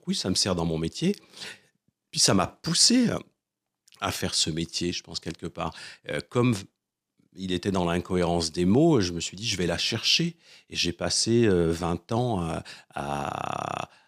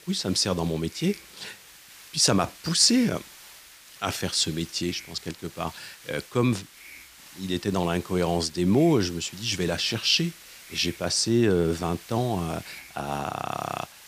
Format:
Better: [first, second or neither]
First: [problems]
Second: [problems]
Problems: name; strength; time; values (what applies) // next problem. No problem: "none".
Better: first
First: none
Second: hiss; noticeable; throughout; 20 dB below the speech